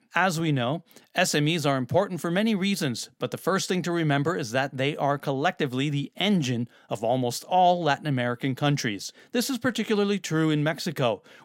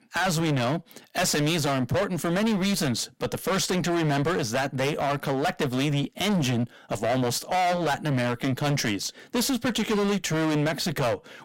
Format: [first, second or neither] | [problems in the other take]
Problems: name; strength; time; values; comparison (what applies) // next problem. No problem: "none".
first | distortion; heavy; 26% of the sound clipped